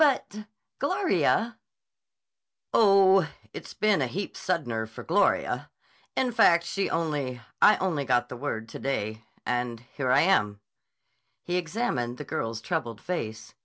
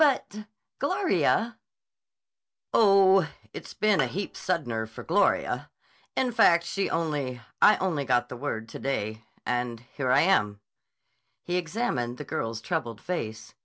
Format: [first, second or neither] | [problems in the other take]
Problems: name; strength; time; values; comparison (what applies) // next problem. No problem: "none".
first | background sound (Bowed string instrument); 14 dB below the speech